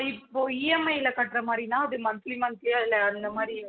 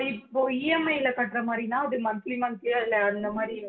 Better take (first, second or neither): first